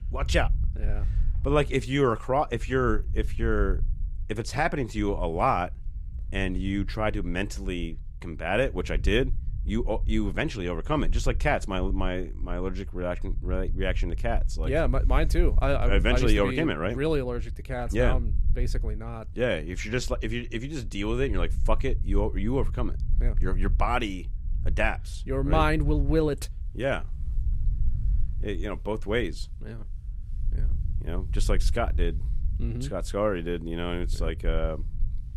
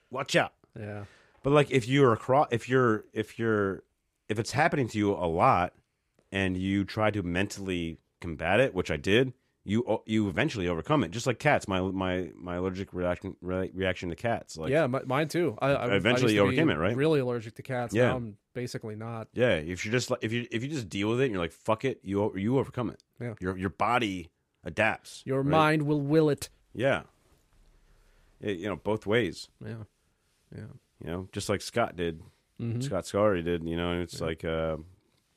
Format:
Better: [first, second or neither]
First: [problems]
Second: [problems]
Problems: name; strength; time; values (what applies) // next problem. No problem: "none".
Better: second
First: low rumble; faint; throughout; 25 dB below the speech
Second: none